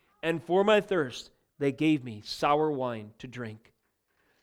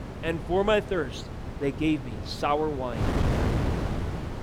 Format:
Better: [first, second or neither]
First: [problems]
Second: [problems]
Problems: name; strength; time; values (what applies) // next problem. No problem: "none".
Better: first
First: none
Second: wind noise on the microphone; heavy; 8 dB below the speech